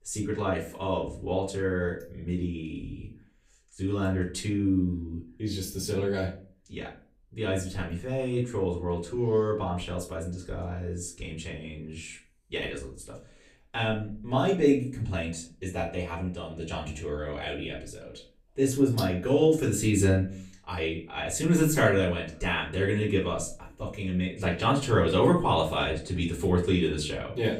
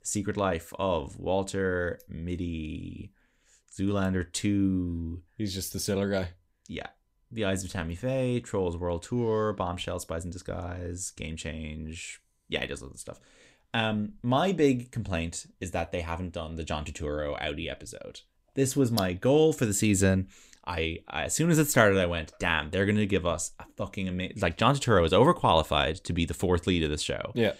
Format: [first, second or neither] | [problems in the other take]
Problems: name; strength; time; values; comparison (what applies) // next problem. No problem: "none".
second | off-mic speech; far // room echo; slight; dies away in 0.3 s